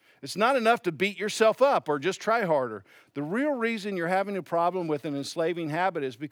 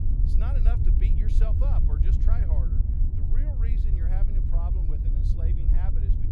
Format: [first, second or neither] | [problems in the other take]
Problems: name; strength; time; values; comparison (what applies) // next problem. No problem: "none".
first | wind noise on the microphone; heavy; 1 dB above the speech